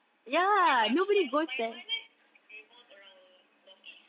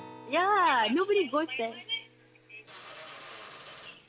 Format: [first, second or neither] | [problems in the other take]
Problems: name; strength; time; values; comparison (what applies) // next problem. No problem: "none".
first | background sound (Drill + Acoustic guitar); 19 dB below the speech